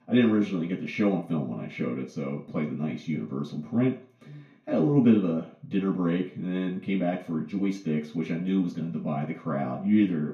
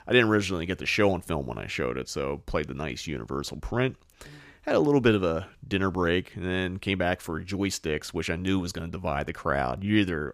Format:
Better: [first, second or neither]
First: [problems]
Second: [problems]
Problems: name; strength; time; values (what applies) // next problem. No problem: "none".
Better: second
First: room echo; slight; dies away in 0.4 s // off-mic speech; far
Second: none